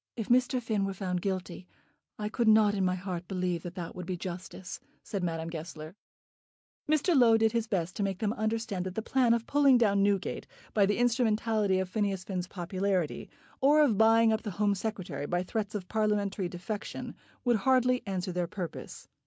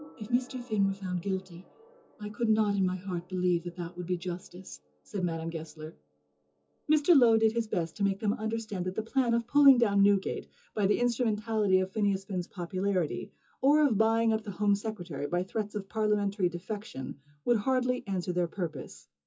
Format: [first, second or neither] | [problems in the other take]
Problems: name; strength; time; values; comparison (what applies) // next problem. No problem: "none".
first | noise reduction (classical method WPE with log-MMSE)